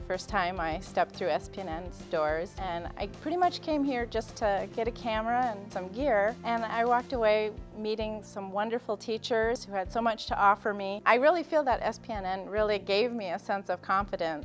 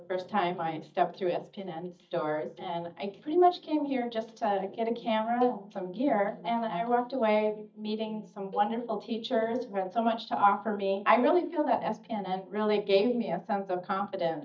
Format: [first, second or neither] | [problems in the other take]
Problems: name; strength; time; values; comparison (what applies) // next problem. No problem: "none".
first | noise reduction (neural mask model DeepFilterNet 3)